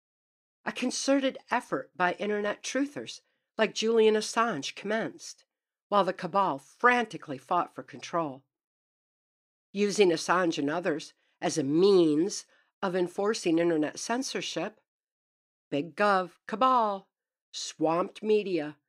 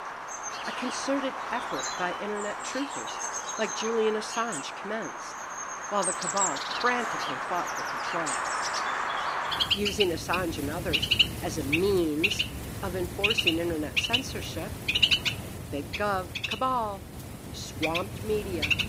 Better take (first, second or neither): first